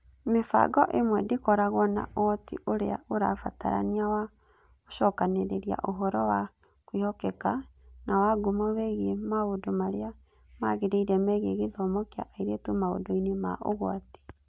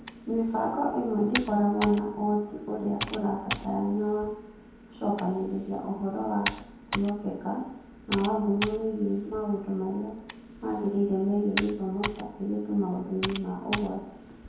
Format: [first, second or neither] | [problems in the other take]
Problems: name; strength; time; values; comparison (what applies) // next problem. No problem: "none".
first | background sound (Computer keyboard); 10 dB below the speech // room echo; dies away in 2 s